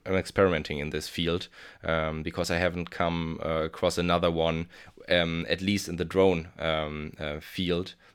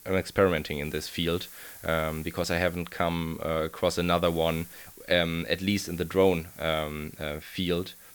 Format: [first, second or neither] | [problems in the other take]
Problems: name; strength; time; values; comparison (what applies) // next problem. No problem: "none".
first | hiss; noticeable; throughout; 20 dB below the speech